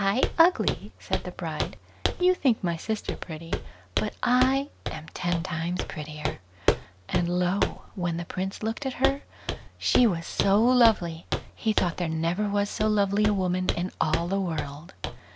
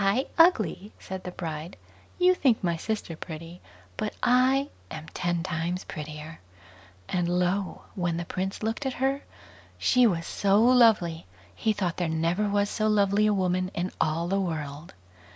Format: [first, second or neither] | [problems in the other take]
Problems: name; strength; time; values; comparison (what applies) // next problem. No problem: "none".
second | background sound (Walk, footsteps); 6 dB below the speech